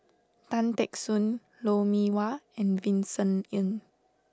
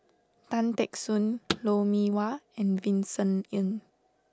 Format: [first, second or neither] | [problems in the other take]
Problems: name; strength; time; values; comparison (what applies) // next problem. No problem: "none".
first | background sound (Car); 13 dB below the speech